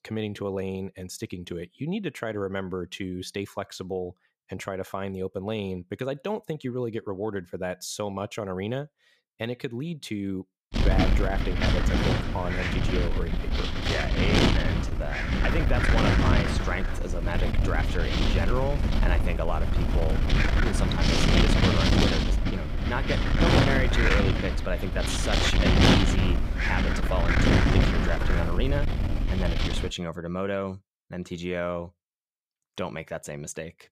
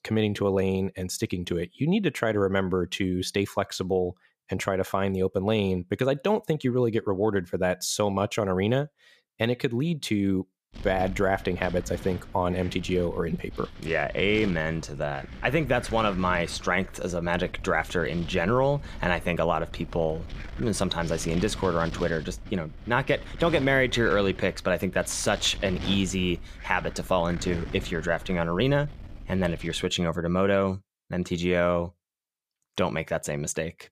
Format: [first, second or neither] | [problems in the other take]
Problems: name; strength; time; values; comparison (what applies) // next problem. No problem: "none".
second | wind noise on the microphone; heavy; from 11 to 30 s; 4 dB above the speech; occasional gusts in the second